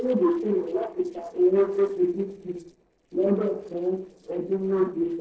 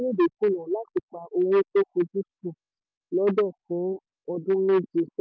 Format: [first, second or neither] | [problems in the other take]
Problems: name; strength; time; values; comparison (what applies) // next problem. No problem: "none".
second | noise reduction (neural separator model SepFormer DNS4)